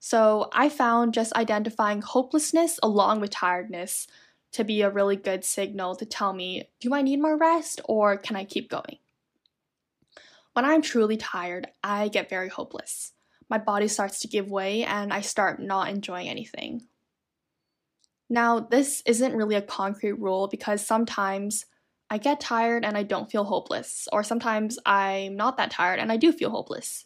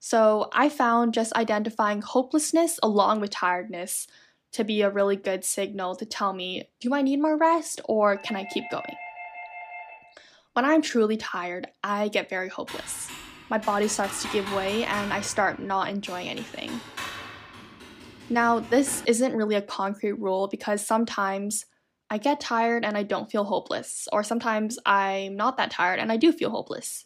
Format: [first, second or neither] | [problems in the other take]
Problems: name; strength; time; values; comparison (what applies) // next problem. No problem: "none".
first | doorbell; faint; from 8 to 10 s; peak 15 dB below the speech // keyboard typing; noticeable; from 13 to 19 s; peak 7 dB below the speech